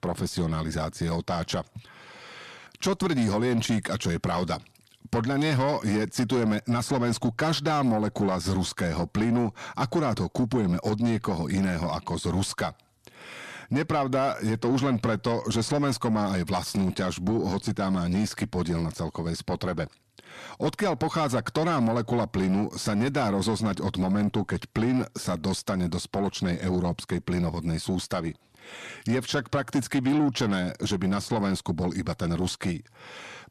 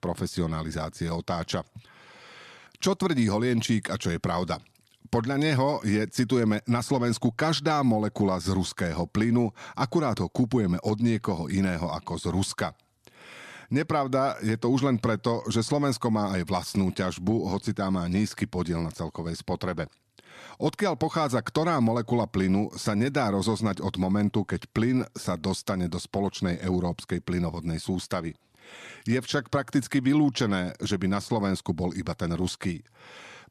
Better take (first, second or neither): second